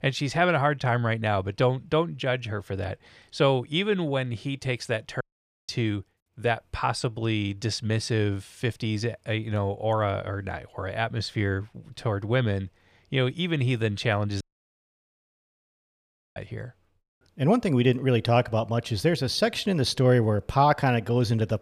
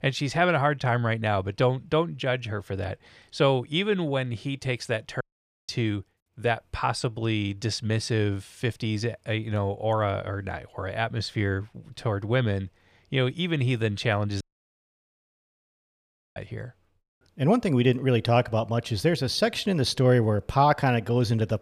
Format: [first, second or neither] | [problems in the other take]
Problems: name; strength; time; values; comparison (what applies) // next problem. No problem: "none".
neither | audio cutting out; at 5 s and at 14 s for 2 s; the same in both